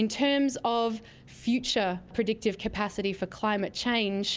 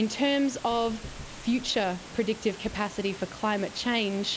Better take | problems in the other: first | background sound (Water + Knock / Wood); 15 dB below the speech

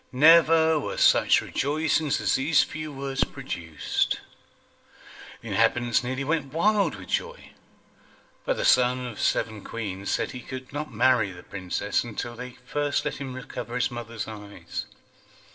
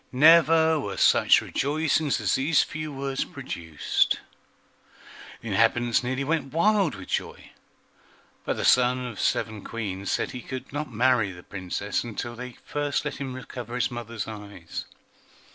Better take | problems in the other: second | background sound (Fireworks); 11 dB below the speech // room echo; dies away in 0.3 s

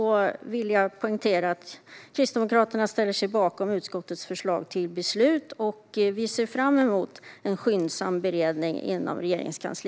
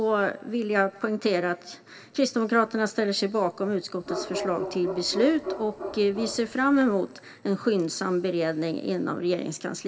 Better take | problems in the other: first | background sound (Bark); 9 dB below the speech // room echo; dies away in 1.5 s

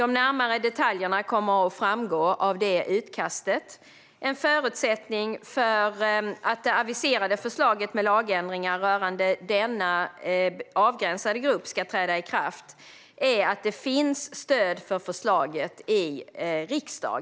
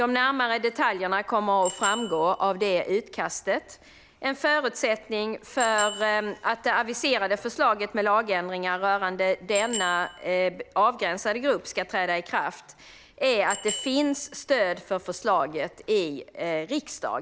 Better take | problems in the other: first | background sound (Bicycle bell); 16 dB below the speech

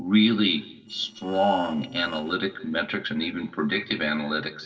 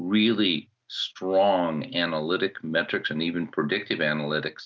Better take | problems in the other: second | noise reduction (neural separator model SepFormer DNS4)

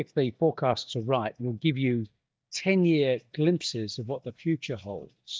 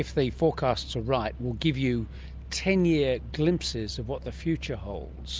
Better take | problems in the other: second | noise reduction (neural mask model DeepFilterNet 3)

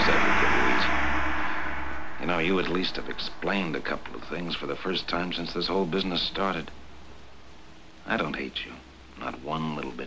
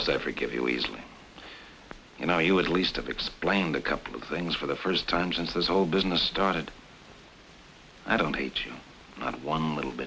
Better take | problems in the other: second | background sound (Gong); 3 dB above the speech

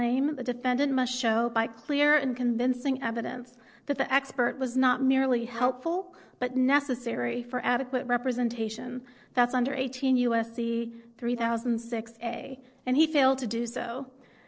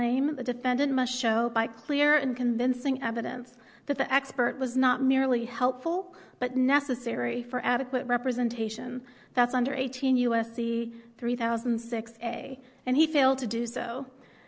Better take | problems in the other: second | noise reduction (neural separator model SepFormer DNS4)

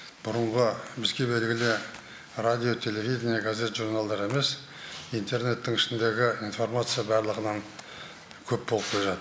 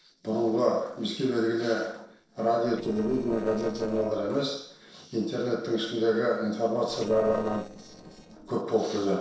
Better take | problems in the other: first | noise reduction (neural separator model SepFormer DNS4)

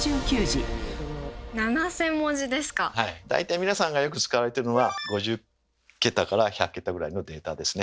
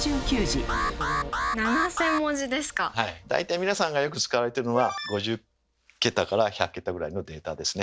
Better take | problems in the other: first | background sound (Alarm); 1 dB below the speech

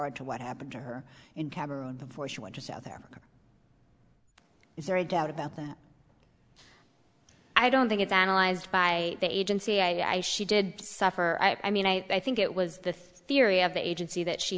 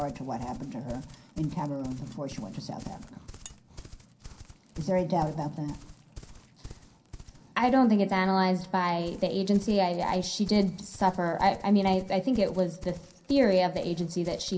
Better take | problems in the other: first | background sound (Livestock, farm animals, working animals); 19 dB below the speech // room echo; dies away in 0.3 s

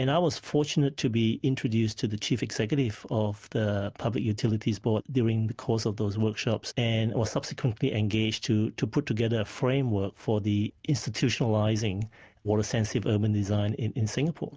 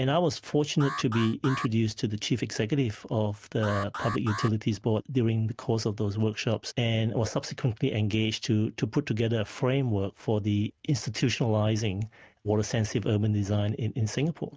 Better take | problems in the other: first | noise reduction (neural mask model RNNoise)

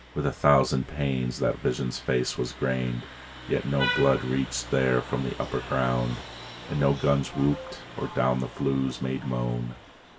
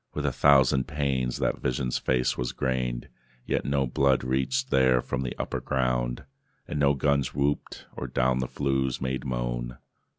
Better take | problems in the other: second | background sound (Vehicle horn, car horn, honking); 13 dB below the speech // room echo; dies away in 0.2 s

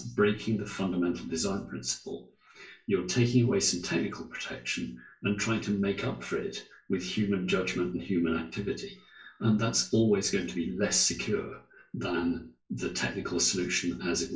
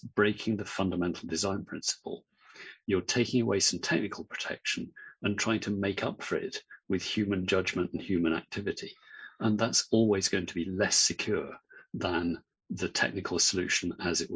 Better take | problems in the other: second | room echo; dies away in 0.3 s

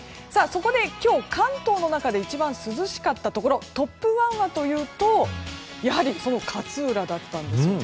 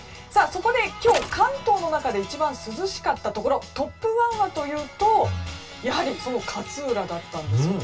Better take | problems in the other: first | background sound (Mechanisms); 13 dB below the speech // room echo; dies away in 0.2 s

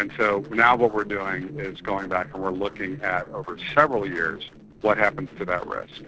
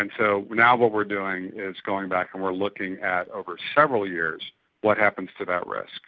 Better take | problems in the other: second | noise reduction (neural separator model SepFormer DNS4)

